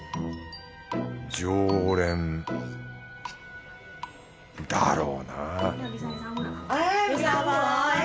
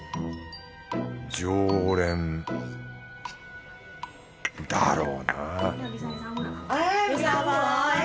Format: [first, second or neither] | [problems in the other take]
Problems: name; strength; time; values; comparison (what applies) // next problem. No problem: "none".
first | background sound (Cutlery, silverware / Dishes, pots, and pans / Chink, clink); 7 dB below the speech